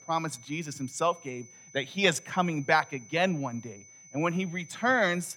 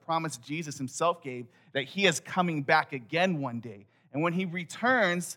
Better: second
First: high-pitched whine; faint; throughout; 6 kHz, 20 dB below the speech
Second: none

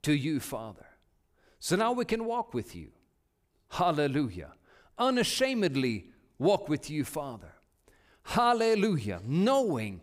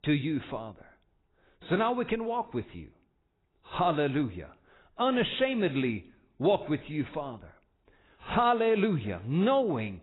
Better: first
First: none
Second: garbled, watery; badly; nothing above 4 kHz

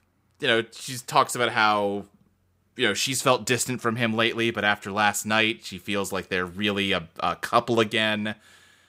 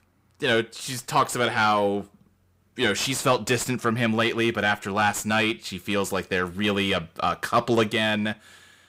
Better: first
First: none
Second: distortion; slight; 10 dB below the speech

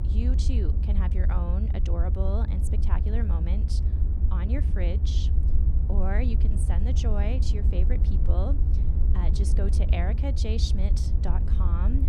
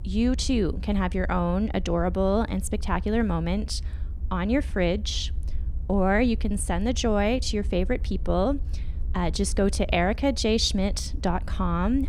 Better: second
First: low rumble; loud; throughout; 4 dB below the speech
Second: low rumble; faint; throughout; 25 dB below the speech

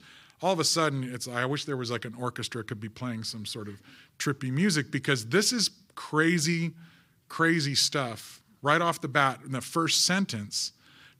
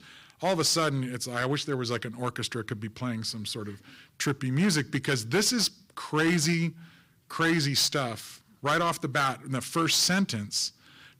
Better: first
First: none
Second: distortion; slight; 5% of the sound clipped

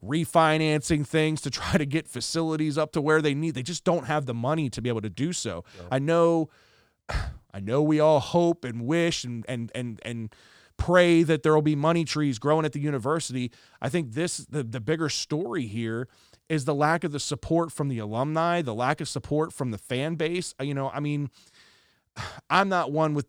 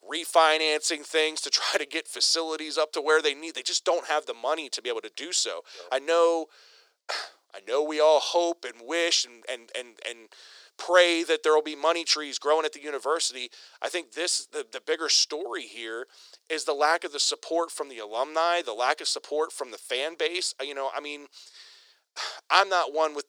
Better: first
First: none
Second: thin; very; fading below 400 Hz

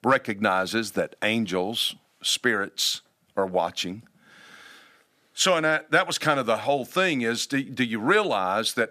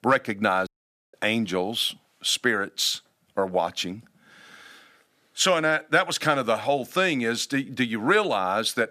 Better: first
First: none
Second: audio cutting out; at 0.5 s

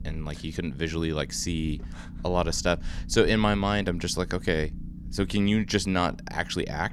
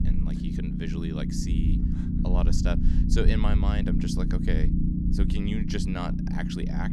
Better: first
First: low rumble; faint; throughout; 25 dB below the speech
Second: low rumble; loud; throughout; 1 dB below the speech

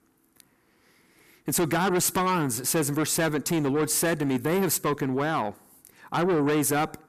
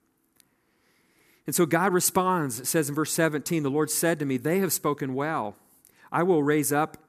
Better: second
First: distortion; heavy; 7 dB below the speech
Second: none

